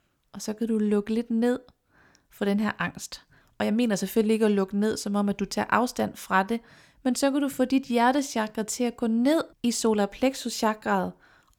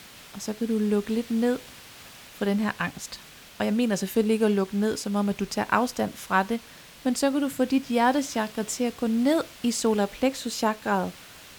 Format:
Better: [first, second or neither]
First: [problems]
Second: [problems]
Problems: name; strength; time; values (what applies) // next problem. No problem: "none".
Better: first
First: none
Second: hiss; noticeable; throughout; 20 dB below the speech